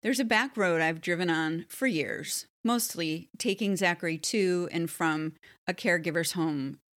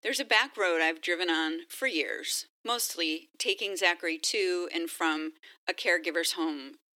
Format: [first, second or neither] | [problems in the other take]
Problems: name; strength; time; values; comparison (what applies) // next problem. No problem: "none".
first | thin; very; fading below 300 Hz